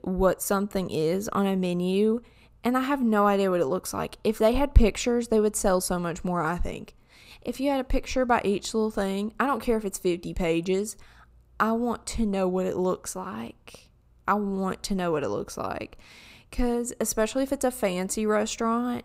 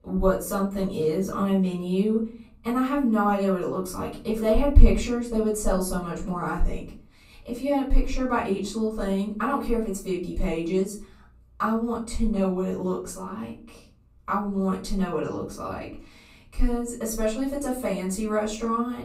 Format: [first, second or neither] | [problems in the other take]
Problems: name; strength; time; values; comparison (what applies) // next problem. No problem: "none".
first | off-mic speech; far // room echo; slight; dies away in 0.4 s